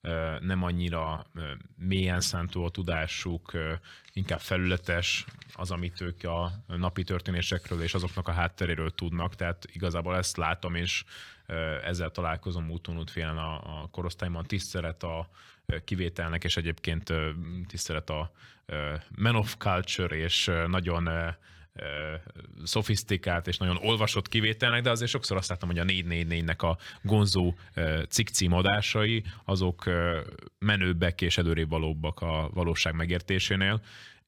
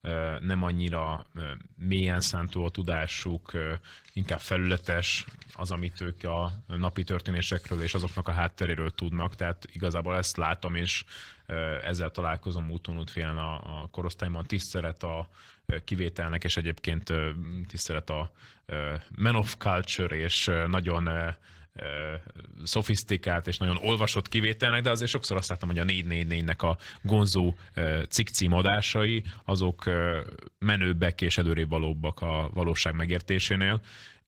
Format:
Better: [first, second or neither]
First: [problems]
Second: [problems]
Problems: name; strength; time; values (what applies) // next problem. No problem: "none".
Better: first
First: none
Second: garbled, watery; slightly; nothing above 15.5 kHz